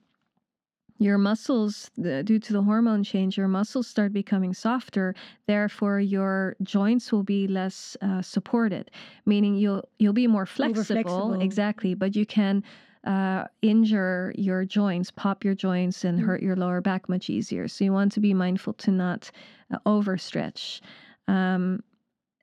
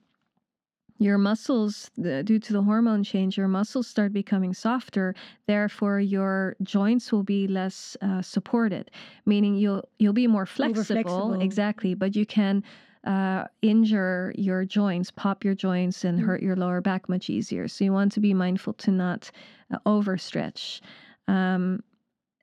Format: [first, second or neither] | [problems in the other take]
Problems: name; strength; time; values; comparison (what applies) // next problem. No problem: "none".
neither | muffled; slightly; fading above 3.5 kHz; the same in both